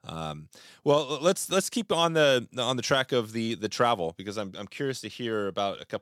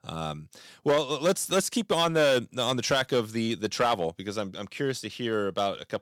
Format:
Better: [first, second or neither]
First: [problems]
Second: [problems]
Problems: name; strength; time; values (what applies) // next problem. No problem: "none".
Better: first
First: none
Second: distortion; slight; 3% of the sound clipped